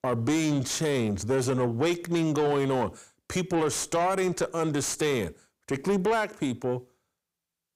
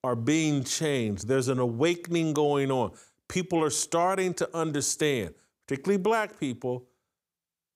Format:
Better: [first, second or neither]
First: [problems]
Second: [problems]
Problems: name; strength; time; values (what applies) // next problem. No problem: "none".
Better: second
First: distortion; slight; 10 dB below the speech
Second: none